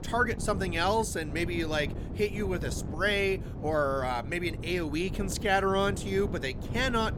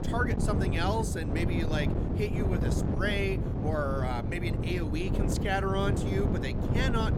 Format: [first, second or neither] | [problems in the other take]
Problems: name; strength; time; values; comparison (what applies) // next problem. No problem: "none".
first | wind noise on the microphone; heavy; 4 dB below the speech; occasional gusts in the first